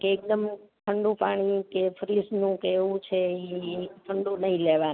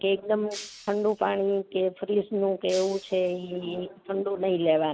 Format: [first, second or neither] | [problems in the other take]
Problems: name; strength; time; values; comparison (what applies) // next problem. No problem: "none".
first | background sound (Shatter); 18 dB below the speech